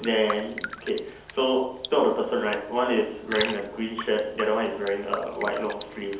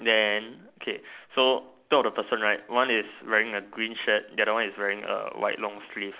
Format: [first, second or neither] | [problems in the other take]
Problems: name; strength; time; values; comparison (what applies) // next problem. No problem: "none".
second | background sound (Raindrop); 12 dB below the speech // room echo; dies away in 2.2 s